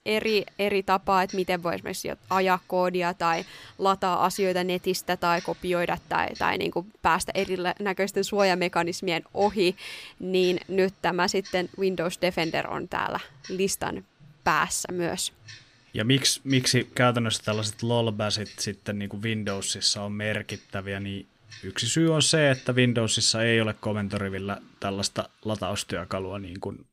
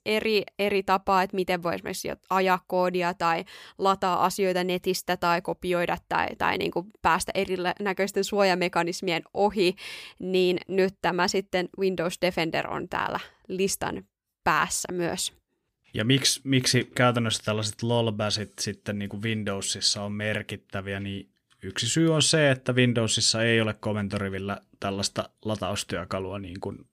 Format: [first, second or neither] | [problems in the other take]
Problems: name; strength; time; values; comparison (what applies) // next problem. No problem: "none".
second | household noises; faint; throughout; 20 dB below the speech